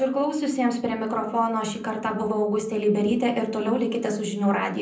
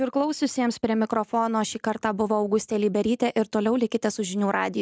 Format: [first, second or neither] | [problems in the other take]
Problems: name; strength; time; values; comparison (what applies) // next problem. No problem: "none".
second | room echo; dies away in 0.6 s